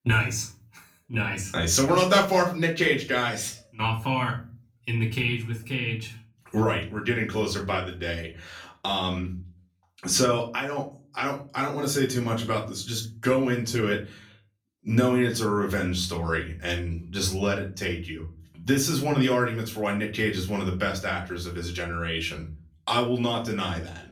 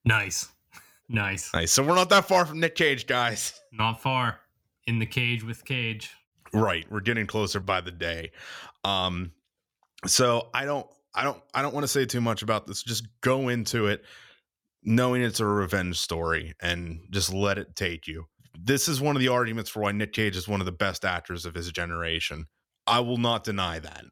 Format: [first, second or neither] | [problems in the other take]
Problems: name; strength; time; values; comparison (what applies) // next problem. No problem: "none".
second | off-mic speech; far // room echo; slight; dies away in 0.4 s